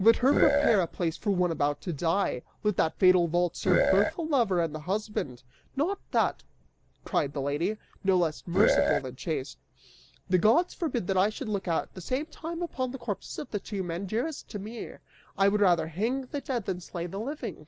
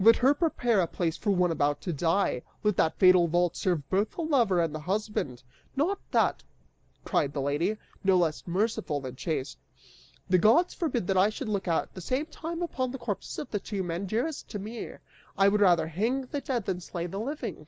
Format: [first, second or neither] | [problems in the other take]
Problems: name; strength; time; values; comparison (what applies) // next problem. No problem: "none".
second | background sound (Burping, eructation); 3 dB above the speech